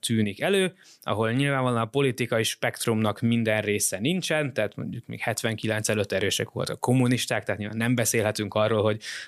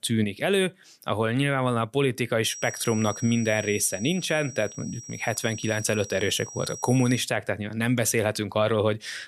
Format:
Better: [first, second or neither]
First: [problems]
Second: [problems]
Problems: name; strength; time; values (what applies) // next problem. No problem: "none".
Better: first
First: none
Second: high-pitched whine; noticeable; from 2.5 to 7 s; 5.5 kHz, 15 dB below the speech